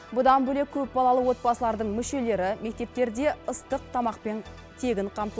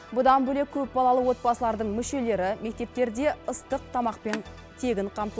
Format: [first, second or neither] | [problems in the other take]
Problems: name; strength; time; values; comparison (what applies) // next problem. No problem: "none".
first | background sound (Telephone); 17 dB below the speech